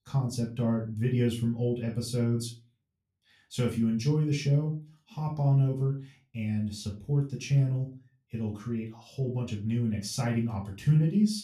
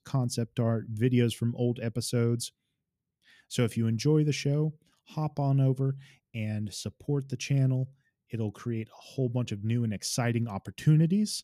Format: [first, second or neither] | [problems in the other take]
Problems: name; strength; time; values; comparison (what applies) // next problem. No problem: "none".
second | off-mic speech; far // room echo; slight; dies away in 0.3 s